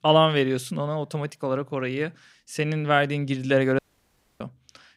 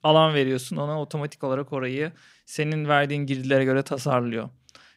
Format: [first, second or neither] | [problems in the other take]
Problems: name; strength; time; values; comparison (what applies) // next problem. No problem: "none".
second | audio cutting out; at 4 s for 0.5 s